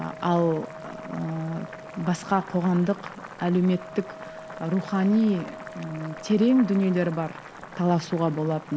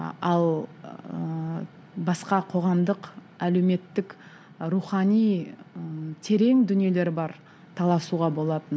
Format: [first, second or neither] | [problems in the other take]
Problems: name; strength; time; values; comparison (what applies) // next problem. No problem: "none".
second | background sound (Wind instrument, woodwind instrument + Boiling); 15 dB below the speech